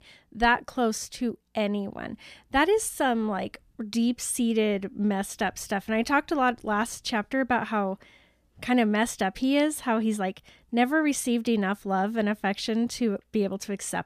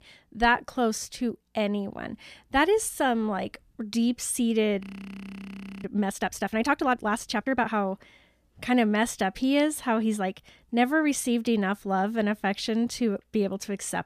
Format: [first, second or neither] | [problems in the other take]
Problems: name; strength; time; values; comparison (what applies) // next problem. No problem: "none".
first | audio freezing; at 5 s for 1 s